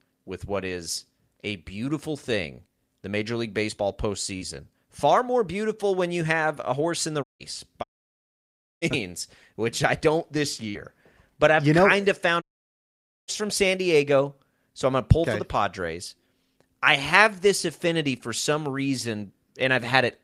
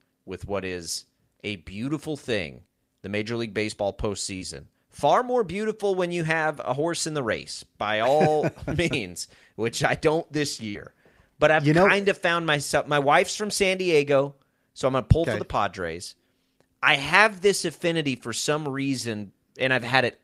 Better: second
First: audio cutting out; at 7 s, at 8 s for 1 s and at 12 s for 1 s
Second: none

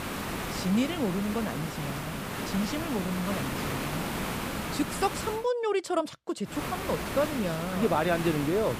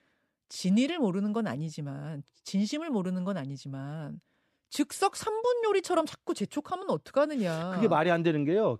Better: second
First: hiss; loud; until 5.5 s and from 6.5 s on; 4 dB below the speech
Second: none

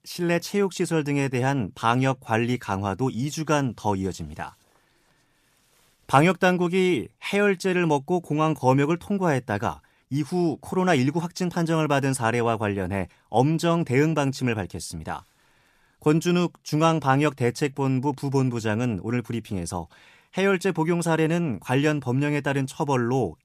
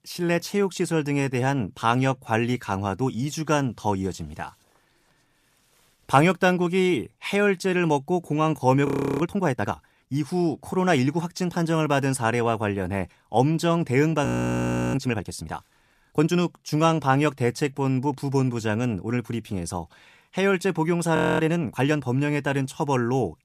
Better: first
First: none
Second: audio freezing; at 9 s, at 14 s for 0.5 s and at 21 s

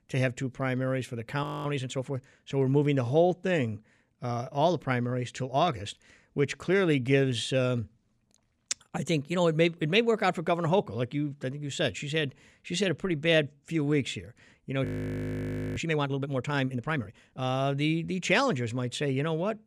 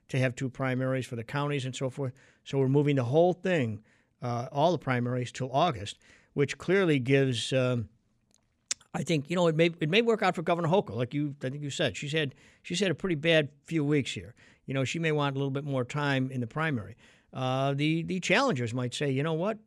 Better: second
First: audio freezing; at 1.5 s and at 15 s for 1 s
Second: none

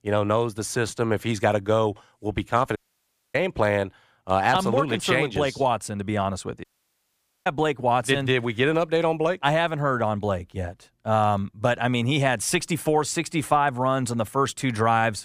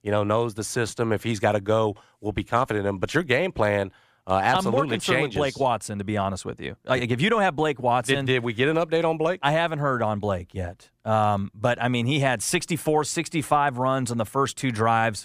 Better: second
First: audio cutting out; at 3 s for 0.5 s and at 6.5 s for 1 s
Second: none

